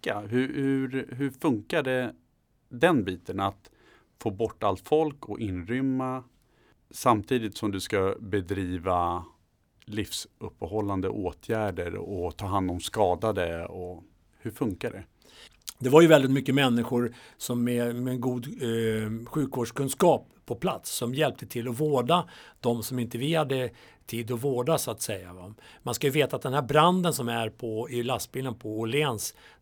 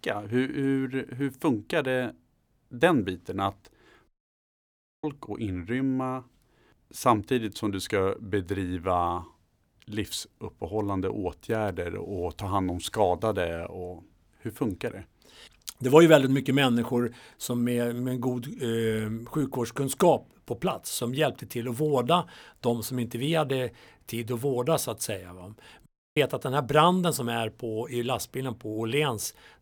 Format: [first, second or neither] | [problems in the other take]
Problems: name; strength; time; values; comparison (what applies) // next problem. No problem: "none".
first | audio cutting out; at 4 s for 1 s and at 26 s